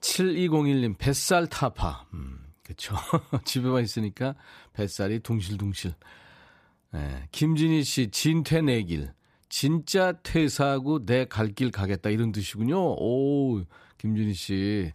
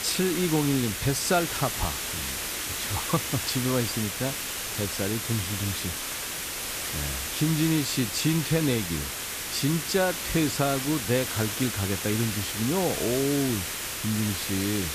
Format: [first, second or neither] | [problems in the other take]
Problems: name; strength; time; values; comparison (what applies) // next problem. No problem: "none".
first | hiss; loud; throughout; 2 dB below the speech